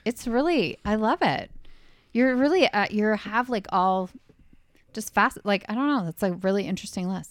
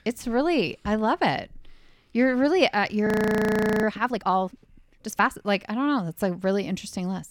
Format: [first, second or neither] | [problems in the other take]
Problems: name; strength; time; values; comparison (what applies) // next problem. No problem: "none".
first | audio freezing; at 3 s for 1 s